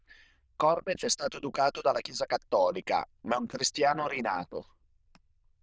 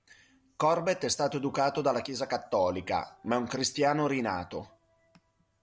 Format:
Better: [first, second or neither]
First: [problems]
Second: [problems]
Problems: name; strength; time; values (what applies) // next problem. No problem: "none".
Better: second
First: noise reduction (neural diffusion model UNIVERSE++)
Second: none